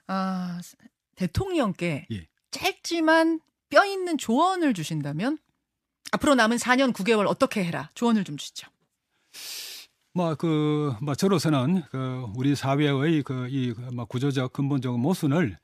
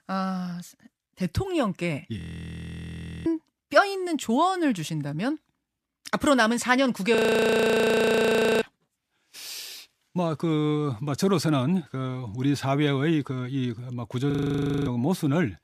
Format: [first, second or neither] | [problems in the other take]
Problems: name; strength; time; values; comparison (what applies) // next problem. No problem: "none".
first | audio freezing; at 2 s for 1 s, at 7 s for 1.5 s and at 14 s for 0.5 s